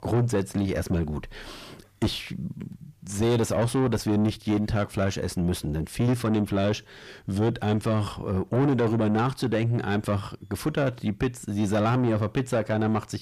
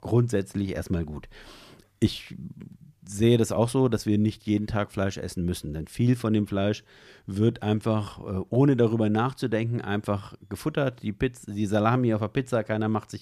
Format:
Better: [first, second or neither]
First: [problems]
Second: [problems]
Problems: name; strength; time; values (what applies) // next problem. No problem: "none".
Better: second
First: distortion; heavy; 8 dB below the speech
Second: none